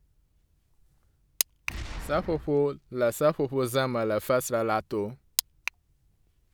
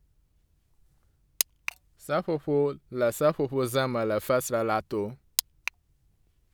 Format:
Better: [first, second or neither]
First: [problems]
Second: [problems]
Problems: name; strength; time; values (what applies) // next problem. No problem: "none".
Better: second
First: background sound (Boom); 13 dB below the speech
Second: none